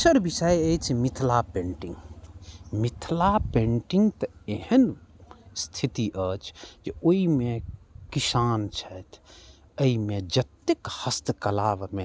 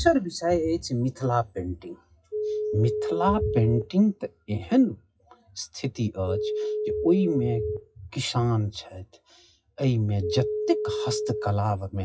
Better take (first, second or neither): first